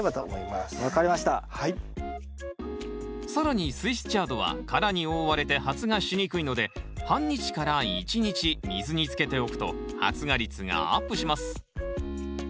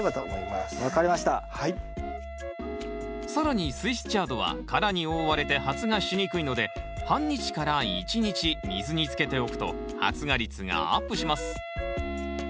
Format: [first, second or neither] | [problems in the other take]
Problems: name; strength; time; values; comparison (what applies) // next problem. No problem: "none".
first | background sound (Wind instrument, woodwind instrument); 13 dB below the speech